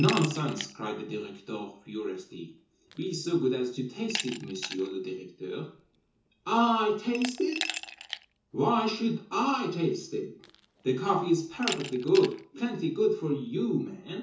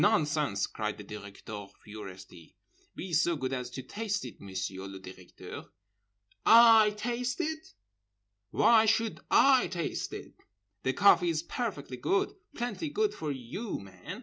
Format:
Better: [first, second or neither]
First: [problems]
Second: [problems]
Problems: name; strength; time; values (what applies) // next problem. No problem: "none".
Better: second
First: background sound (Glass); 13 dB below the speech // room echo; dies away in 0.6 s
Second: none